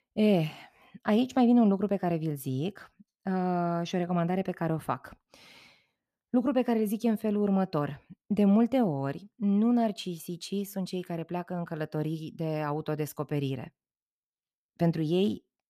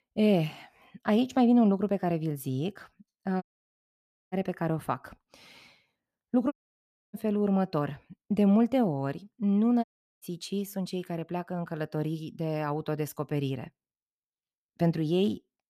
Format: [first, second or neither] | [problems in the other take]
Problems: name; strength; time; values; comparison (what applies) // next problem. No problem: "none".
first | audio cutting out; at 3.5 s for 1 s, at 6.5 s for 0.5 s and at 10 s